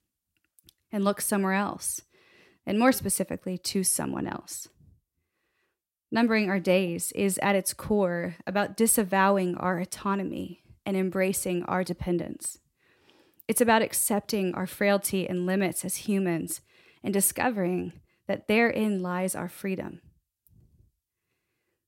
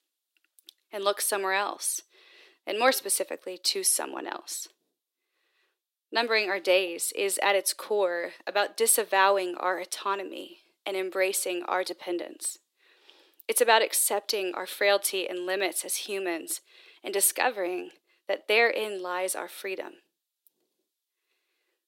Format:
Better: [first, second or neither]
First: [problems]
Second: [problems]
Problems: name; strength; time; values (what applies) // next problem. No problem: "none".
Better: first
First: none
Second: thin; very; fading below 350 Hz